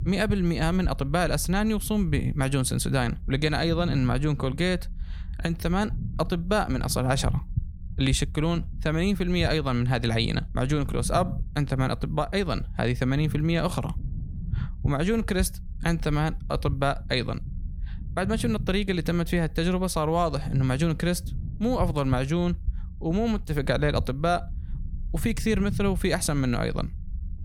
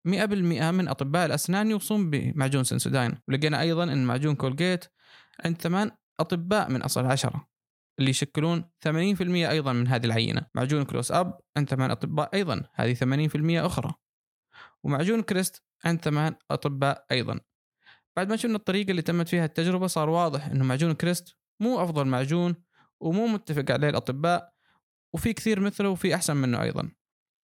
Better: second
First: low rumble; faint; throughout; 20 dB below the speech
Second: none

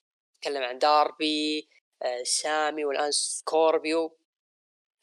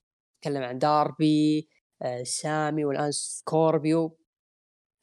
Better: second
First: thin; very; fading below 400 Hz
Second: none

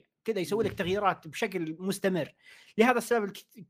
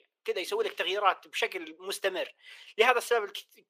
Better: first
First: none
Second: thin; very; fading below 450 Hz

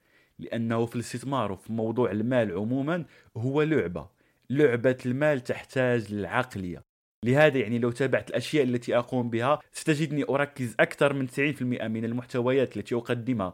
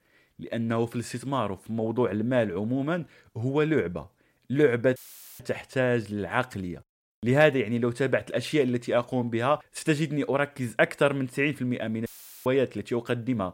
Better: first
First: none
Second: audio cutting out; filled with static; at 5 s and at 12 s

